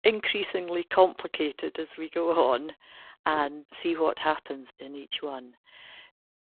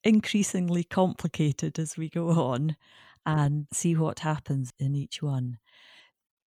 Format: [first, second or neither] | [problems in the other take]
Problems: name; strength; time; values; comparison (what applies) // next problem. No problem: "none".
second | phone-call audio; poor line